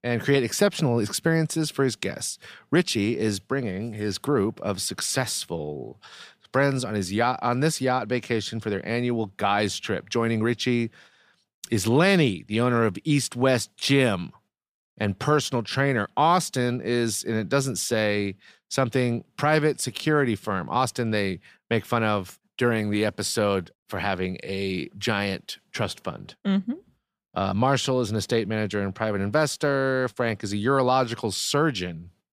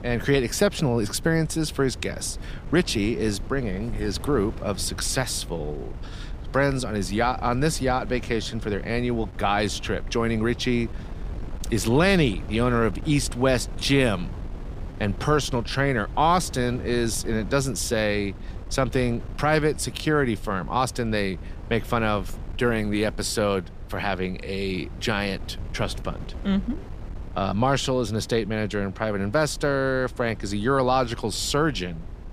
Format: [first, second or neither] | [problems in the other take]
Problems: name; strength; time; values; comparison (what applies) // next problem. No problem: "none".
first | wind noise on the microphone; occasional gusts; 20 dB below the speech